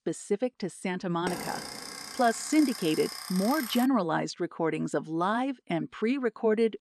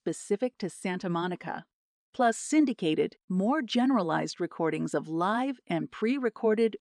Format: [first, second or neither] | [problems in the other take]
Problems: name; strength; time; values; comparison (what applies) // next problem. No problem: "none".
second | alarm; noticeable; from 1.5 to 4 s; peak 7 dB below the speech